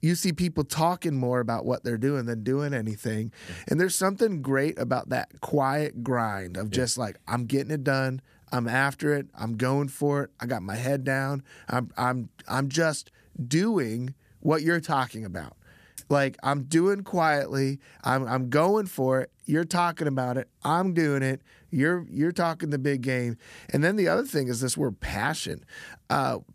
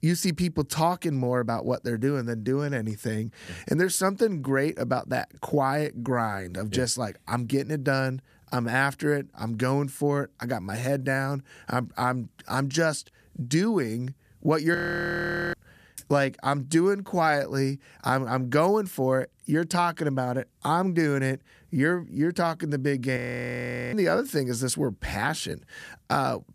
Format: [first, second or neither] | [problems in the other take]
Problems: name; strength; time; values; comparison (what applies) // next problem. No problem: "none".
first | audio freezing; at 15 s for 1 s and at 23 s for 1 s